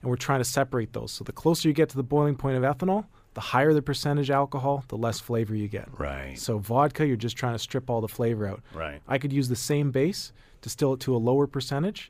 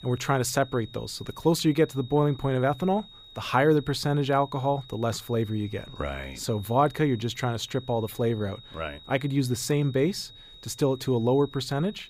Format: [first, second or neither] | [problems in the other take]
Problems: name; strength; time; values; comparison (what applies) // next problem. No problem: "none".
first | high-pitched whine; faint; throughout; 4 kHz, 20 dB below the speech